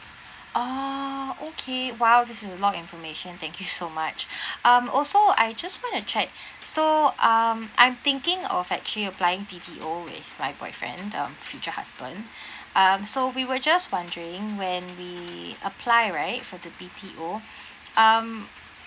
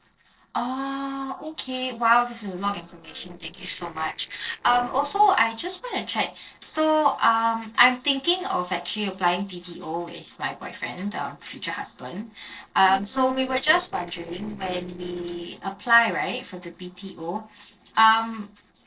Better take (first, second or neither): first